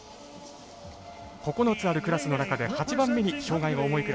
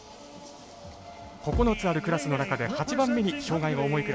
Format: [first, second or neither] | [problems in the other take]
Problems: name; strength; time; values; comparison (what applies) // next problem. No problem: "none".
first | background sound (Bass drum); 4 dB below the speech